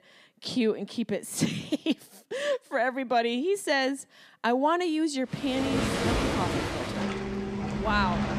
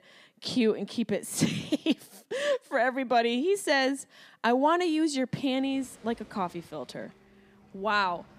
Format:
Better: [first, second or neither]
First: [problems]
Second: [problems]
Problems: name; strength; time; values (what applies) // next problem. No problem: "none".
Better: second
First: rain or running water; loud; from 5.5 s on; 1 dB below the speech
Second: rain or running water; faint; from 5.5 s on; 30 dB below the speech